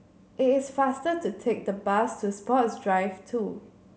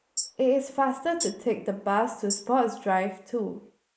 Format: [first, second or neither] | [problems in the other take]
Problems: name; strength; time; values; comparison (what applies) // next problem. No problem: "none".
first | noise reduction (neural mask model Resemble Enhance denoiser)